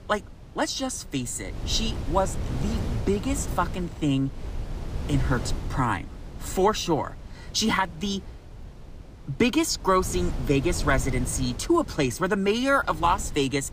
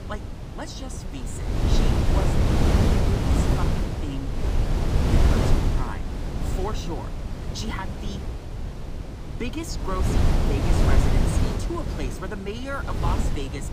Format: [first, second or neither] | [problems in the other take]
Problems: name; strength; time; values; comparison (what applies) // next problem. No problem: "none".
first | wind noise on the microphone; heavy; 3 dB above the speech; occasional gusts in the first